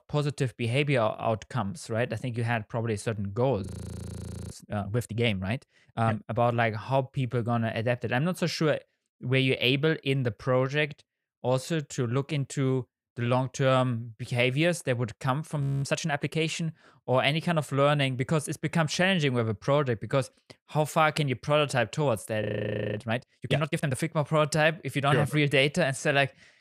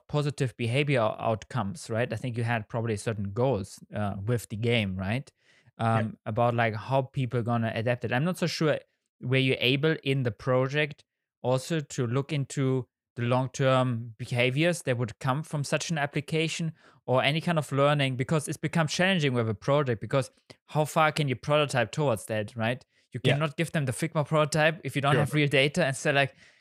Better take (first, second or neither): second